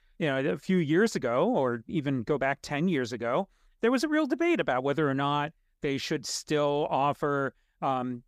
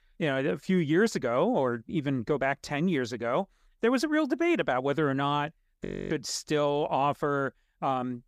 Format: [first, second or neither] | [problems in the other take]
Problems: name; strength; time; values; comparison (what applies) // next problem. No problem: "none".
first | audio freezing; at 6 s